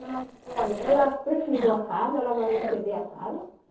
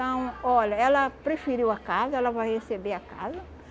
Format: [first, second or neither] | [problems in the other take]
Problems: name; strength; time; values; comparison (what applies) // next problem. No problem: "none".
second | noise reduction (neural separator model SepFormer DNS4)